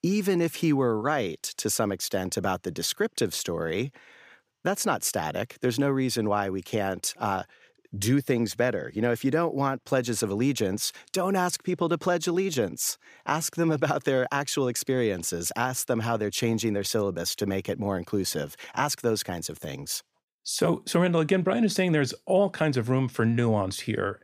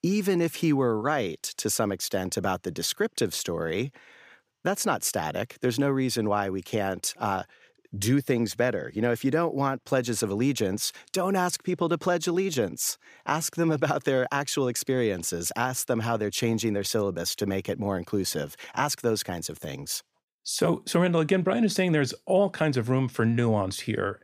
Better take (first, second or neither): neither